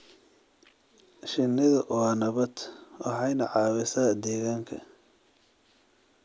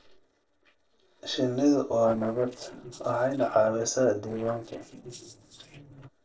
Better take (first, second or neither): first